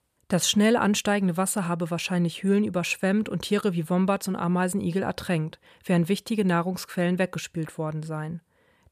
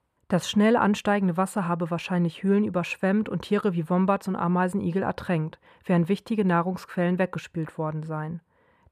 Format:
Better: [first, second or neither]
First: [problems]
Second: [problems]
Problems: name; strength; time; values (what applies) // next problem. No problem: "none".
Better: first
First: none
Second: muffled; slightly; fading above 3 kHz